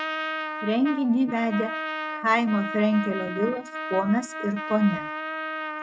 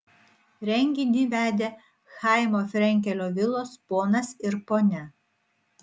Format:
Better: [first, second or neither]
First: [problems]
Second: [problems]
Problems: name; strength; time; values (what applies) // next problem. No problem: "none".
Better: second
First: noise reduction (neural mask model RNNoise)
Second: none